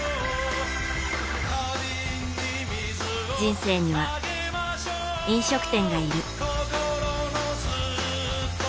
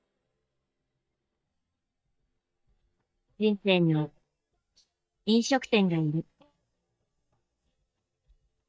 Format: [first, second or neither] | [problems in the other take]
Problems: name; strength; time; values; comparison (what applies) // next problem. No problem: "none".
first | noise reduction (neural mask model DeepFilterNet 3)